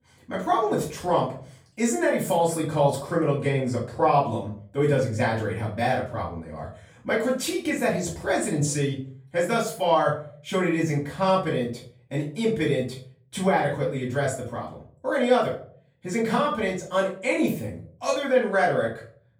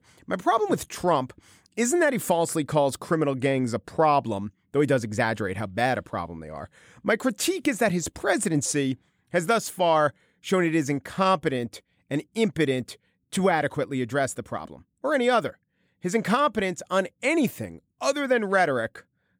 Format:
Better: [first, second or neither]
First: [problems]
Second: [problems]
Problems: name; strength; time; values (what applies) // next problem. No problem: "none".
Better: second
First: off-mic speech; far // room echo; slight; dies away in 0.4 s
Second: none